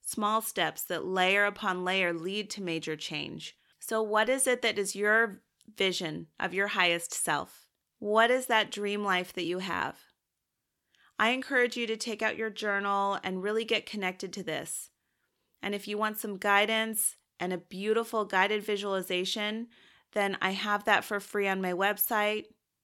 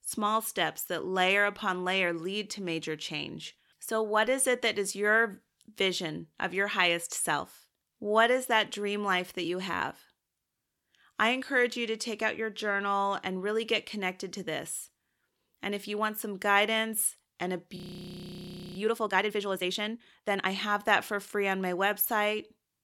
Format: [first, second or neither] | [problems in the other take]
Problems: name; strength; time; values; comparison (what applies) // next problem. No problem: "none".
first | audio freezing; at 18 s for 1 s